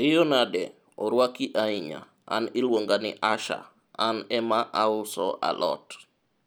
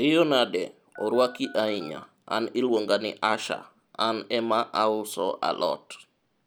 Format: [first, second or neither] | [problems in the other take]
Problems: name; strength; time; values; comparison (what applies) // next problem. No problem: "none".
first | background sound (Telephone); 20 dB below the speech